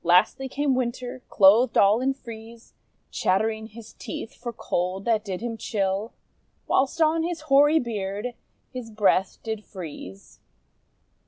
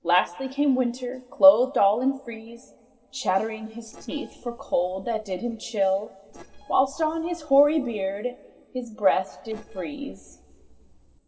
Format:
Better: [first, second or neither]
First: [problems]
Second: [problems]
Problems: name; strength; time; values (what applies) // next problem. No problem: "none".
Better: first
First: none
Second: noise reduction (neural separator model SepFormer DNS4)